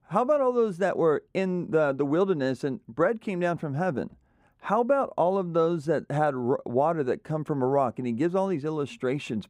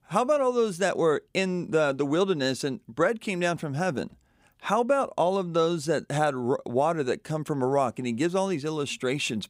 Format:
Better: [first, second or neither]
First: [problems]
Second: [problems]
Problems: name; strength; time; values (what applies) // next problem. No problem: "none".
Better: second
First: muffled; slightly; fading above 2.5 kHz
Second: none